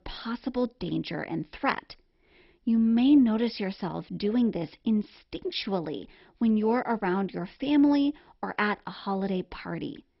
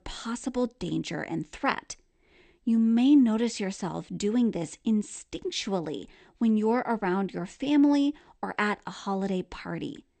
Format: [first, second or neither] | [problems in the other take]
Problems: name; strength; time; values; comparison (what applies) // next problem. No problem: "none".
second | garbled, watery; badly; nothing above 5.5 kHz; slightly in the second